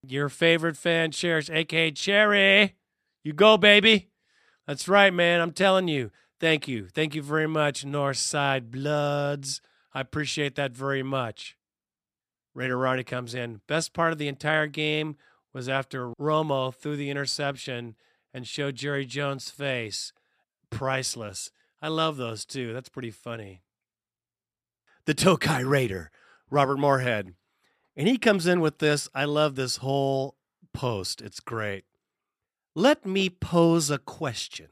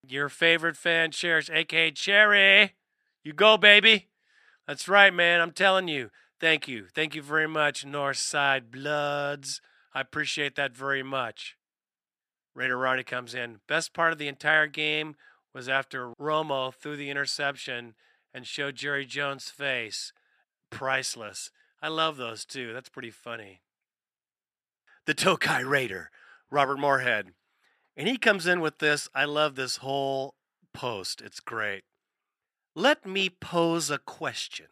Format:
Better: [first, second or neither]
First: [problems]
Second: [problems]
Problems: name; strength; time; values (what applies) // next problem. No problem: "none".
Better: first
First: none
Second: thin; somewhat; fading below 600 Hz